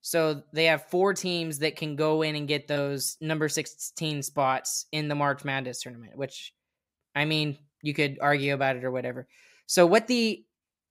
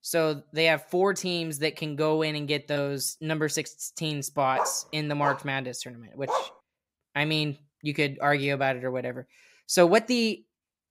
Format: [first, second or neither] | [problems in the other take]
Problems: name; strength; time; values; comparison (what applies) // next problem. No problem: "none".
first | dog barking; noticeable; from 4.5 to 6.5 s; peak 4 dB below the speech